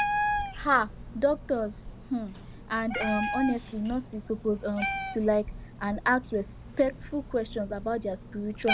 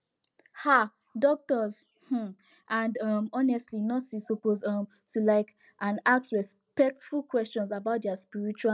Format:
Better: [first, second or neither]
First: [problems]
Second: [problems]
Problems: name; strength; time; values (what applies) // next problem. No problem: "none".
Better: second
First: background sound (Meow); 6 dB below the speech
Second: none